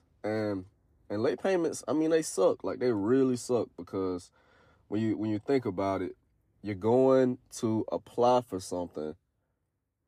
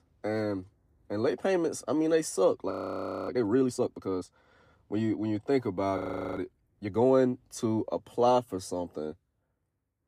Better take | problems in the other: first | audio freezing; at 2.5 s for 0.5 s and at 6 s

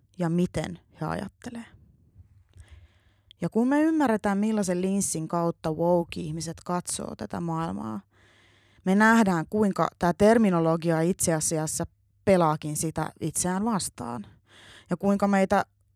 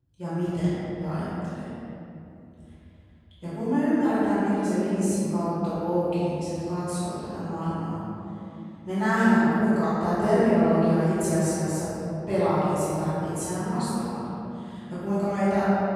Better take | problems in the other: first | off-mic speech; far // room echo; strong; dies away in 2.8 s

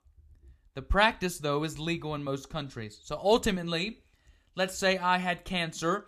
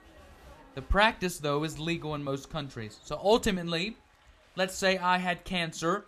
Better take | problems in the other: first | crowd noise; faint; throughout; 30 dB below the speech

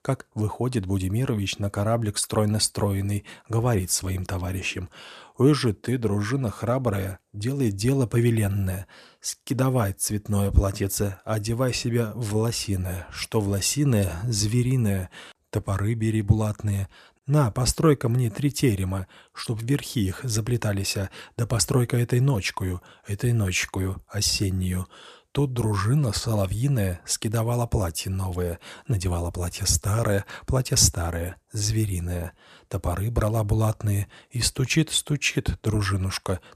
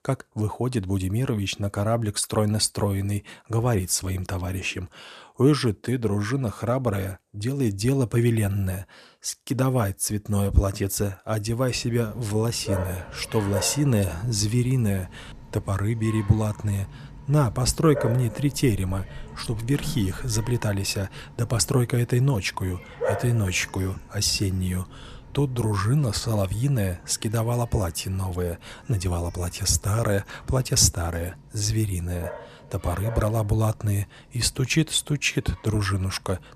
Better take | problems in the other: first | animal sounds; noticeable; from 12 s on; 15 dB below the speech

